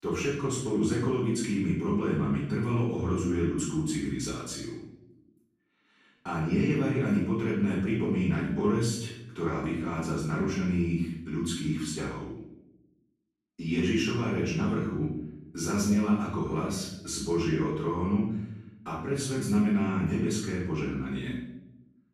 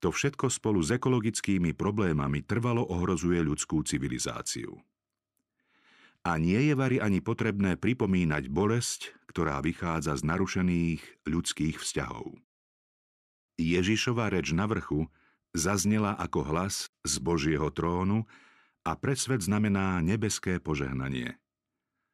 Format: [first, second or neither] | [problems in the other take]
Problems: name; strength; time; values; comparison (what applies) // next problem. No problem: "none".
second | off-mic speech; far // room echo; noticeable; dies away in 0.8 s